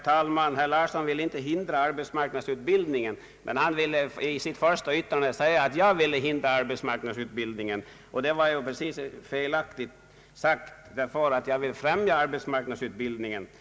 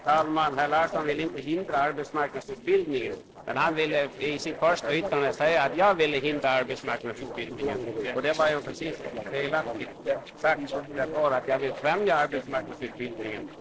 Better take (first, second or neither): first